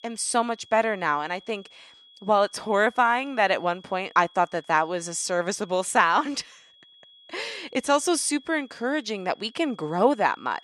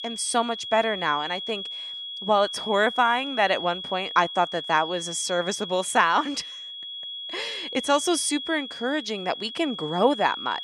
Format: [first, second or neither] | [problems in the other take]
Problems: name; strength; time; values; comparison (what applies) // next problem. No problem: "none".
first | high-pitched whine; loud; throughout; 3.5 kHz, 8 dB below the speech; faint in the first